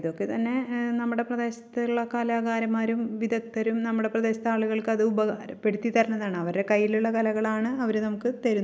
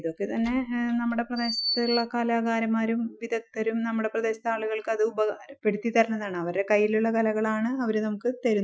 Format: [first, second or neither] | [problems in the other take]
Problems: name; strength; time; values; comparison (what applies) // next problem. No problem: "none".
first | noise reduction (classical method Wiener filter)